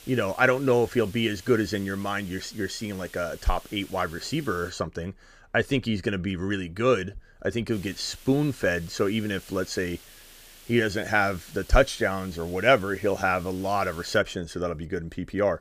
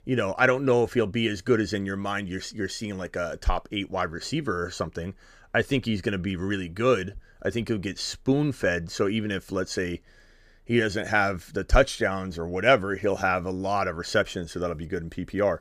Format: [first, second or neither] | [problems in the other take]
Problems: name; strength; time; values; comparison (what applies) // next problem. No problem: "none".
second | hiss; faint; until 4.5 s and from 7.5 to 14 s; 20 dB below the speech